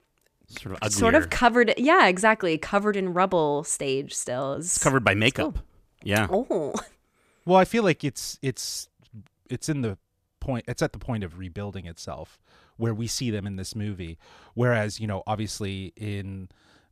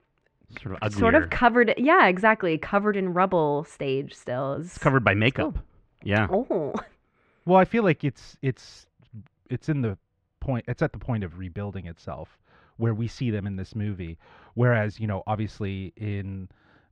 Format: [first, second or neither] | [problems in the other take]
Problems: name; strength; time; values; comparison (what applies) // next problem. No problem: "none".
first | muffled; very; fading above 2 kHz